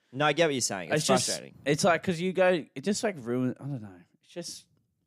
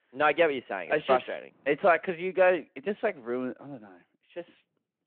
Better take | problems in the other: first | phone-call audio

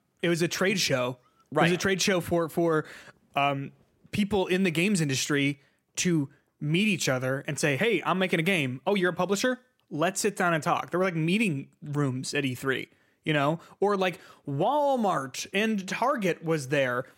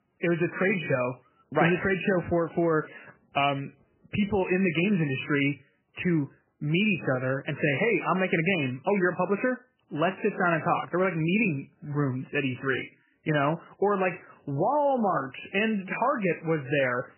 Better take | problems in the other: first | garbled, watery; badly; nothing above 3 kHz

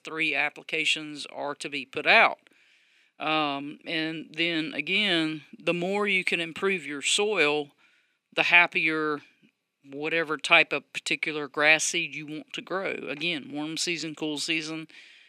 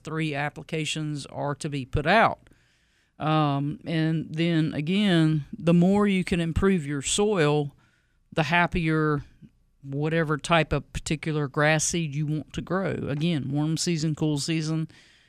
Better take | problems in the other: second | thin; somewhat; fading below 300 Hz

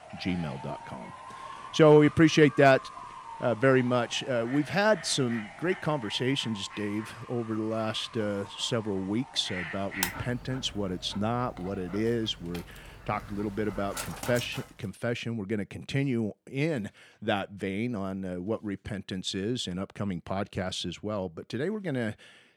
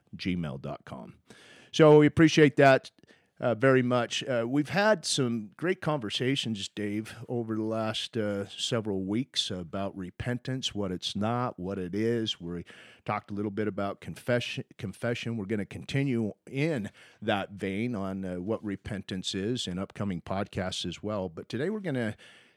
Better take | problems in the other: second | animal sounds; noticeable; until 15 s; 15 dB below the speech

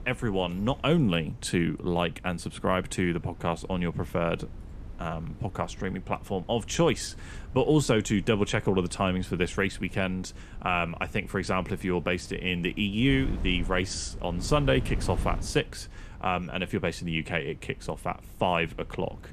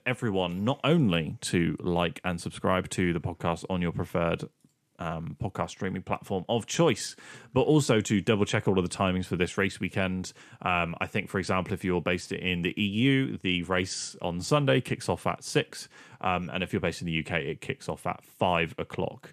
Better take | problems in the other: second | wind noise on the microphone; occasional gusts; 20 dB below the speech

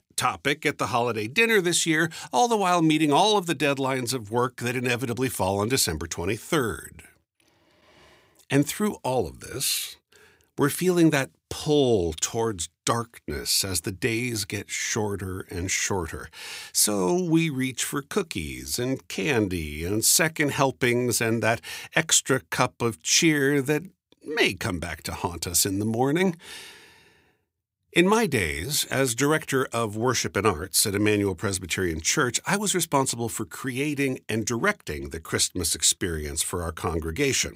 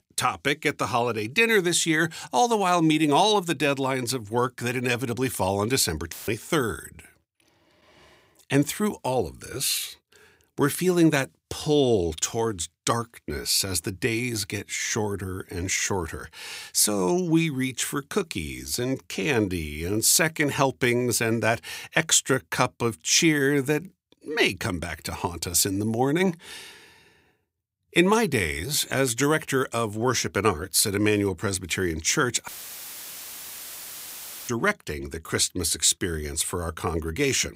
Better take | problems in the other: first | audio cutting out; filled with static; at 6 s and at 32 s for 2 s

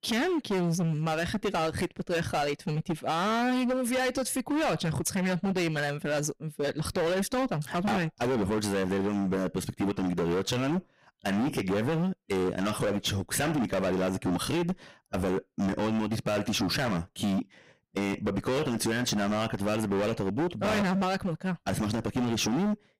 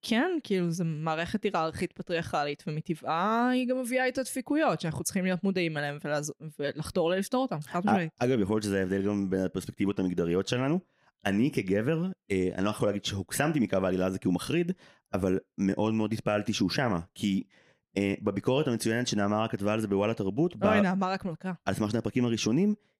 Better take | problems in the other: second | distortion; heavy; 27% of the sound clipped

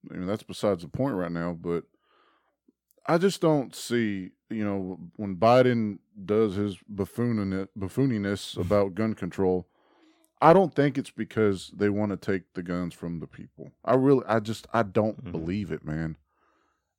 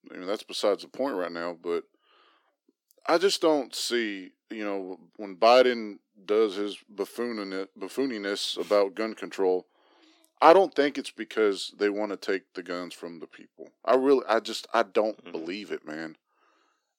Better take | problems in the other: first | thin; somewhat; fading below 300 Hz

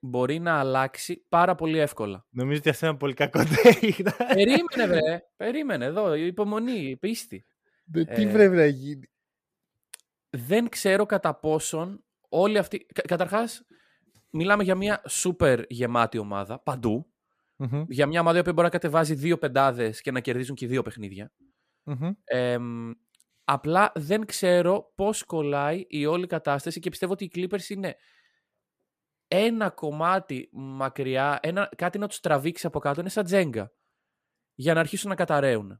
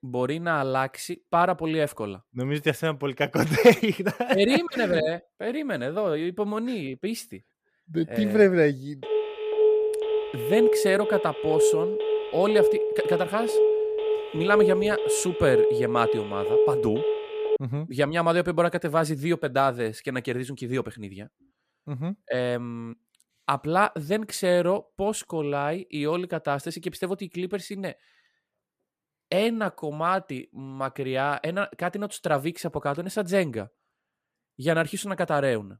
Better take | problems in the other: first | phone ringing; loud; from 9 to 18 s; peak 5 dB above the speech

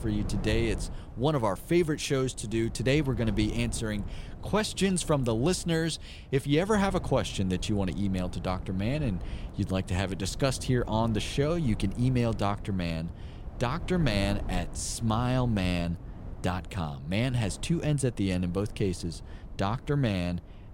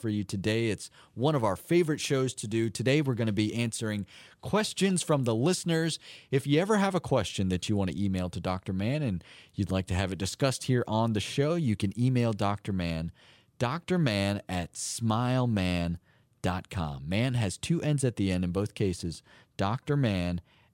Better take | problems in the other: second | wind noise on the microphone; occasional gusts; 20 dB below the speech

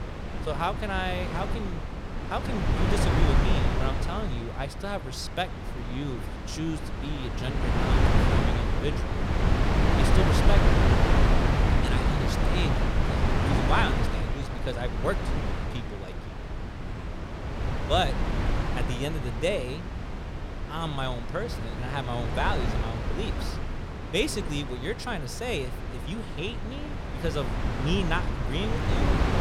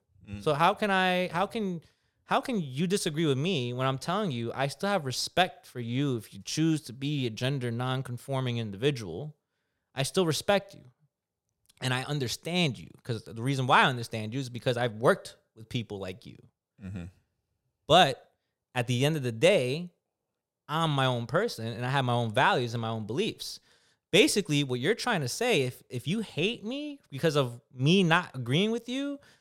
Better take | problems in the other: second | wind noise on the microphone; heavy; as loud as the speech

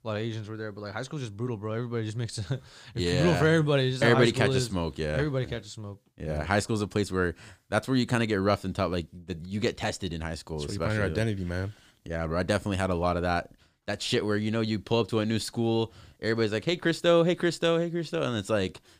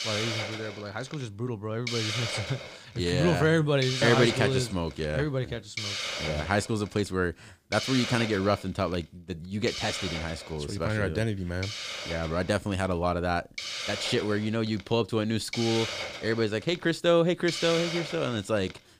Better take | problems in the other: first | hiss; loud; throughout; 5 dB below the speech

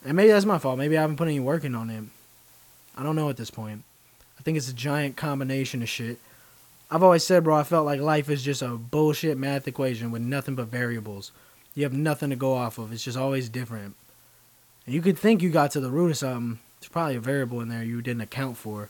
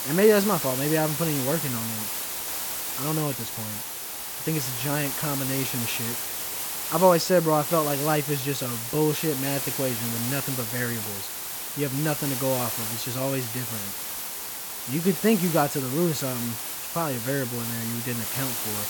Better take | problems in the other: first | hiss; loud; throughout; 2 dB below the speech; faint in the first

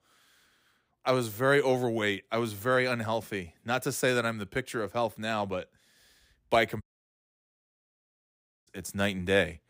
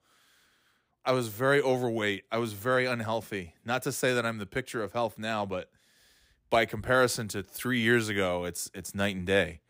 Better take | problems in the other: second | audio cutting out; at 7 s for 2 s

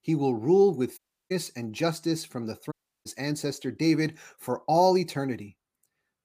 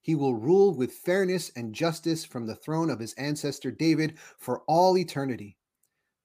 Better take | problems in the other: second | audio cutting out; at 1 s and at 2.5 s

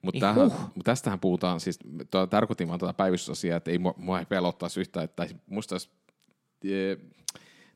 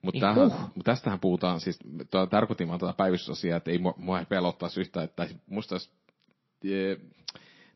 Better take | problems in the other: first | garbled, watery; slightly; nothing above 5.5 kHz

